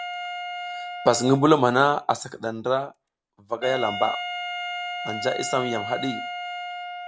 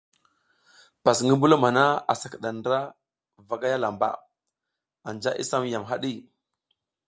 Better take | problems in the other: second | background sound (Wind instrument, woodwind instrument); 8 dB below the speech

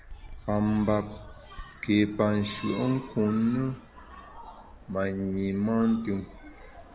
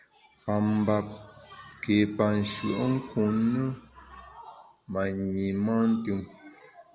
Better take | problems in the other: second | background sound (Fixed-wing aircraft, airplane); 19 dB below the speech

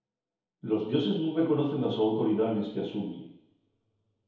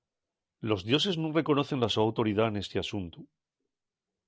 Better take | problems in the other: second | room echo; dies away in 2.1 s

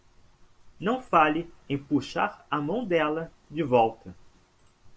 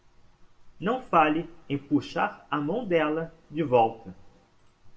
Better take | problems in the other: first | room echo; dies away in 0.5 s

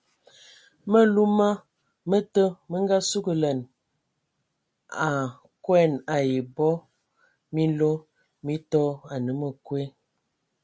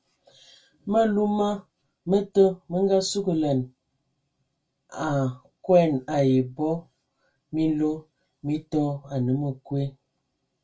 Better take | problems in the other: first | room echo; dies away in 0.1 s

